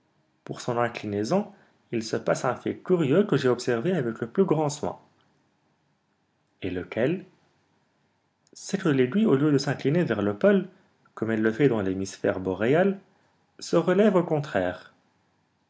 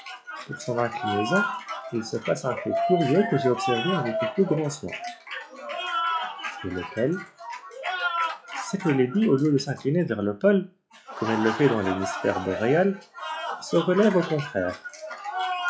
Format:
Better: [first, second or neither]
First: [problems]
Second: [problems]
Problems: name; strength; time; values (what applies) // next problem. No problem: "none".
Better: first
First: none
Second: noise reduction (classical method log-MMSE)